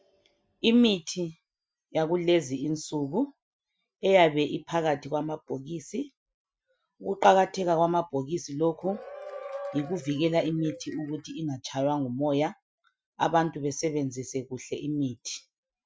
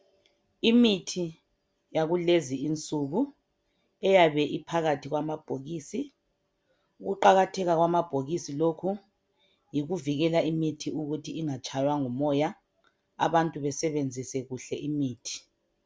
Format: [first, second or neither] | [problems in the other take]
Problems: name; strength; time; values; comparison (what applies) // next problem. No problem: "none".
second | noise reduction (classical method Wiener filter)